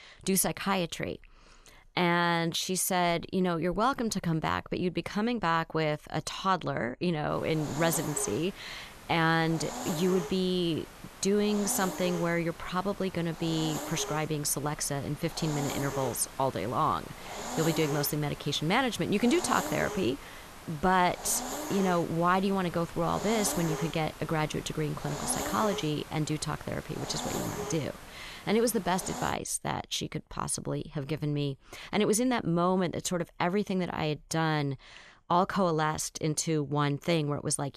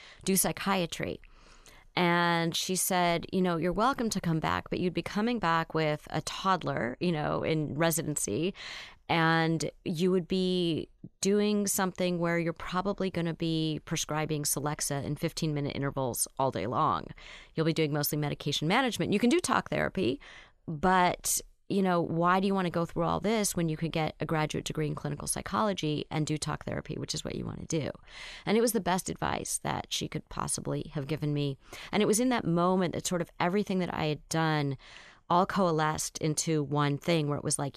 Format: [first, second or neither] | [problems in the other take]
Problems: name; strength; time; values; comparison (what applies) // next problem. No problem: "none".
second | hiss; loud; from 7.5 to 29 s; 10 dB below the speech